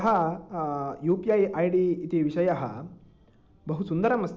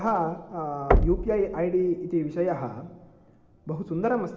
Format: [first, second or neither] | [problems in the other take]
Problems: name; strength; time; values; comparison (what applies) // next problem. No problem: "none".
first | background sound (Knock); 1 dB below the speech // room echo; dies away in 1.8 s